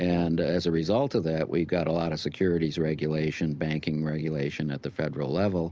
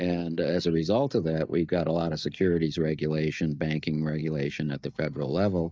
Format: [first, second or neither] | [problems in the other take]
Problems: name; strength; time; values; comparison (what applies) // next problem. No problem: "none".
first | noise reduction (neural mask model DeepFilterNet 3)